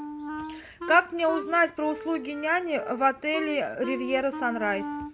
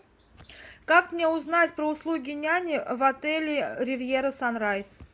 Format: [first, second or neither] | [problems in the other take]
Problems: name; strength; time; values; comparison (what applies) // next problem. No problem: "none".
second | background sound (Wind instrument, woodwind instrument); 10 dB below the speech